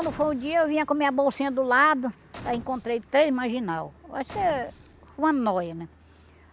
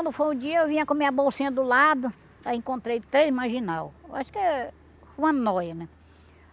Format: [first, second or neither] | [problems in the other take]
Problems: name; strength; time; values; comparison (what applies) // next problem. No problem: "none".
second | background sound (Boom); 19 dB below the speech